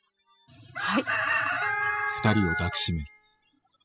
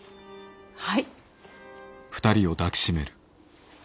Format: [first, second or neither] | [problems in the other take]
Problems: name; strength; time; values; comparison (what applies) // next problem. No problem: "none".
second | noise reduction (classical method spectral subtraction)